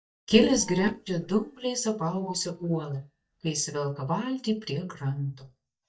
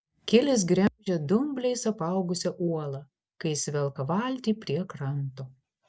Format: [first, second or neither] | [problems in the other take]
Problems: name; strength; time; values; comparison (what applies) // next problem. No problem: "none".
second | noise reduction (neural mask model DeepFilterNet 3)